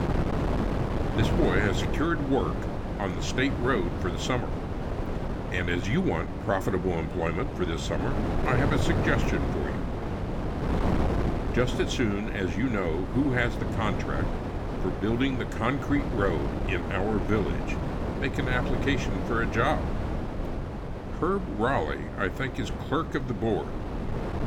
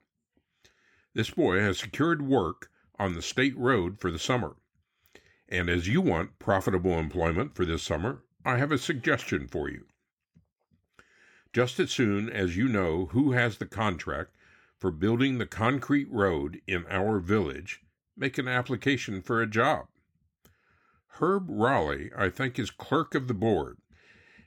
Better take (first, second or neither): second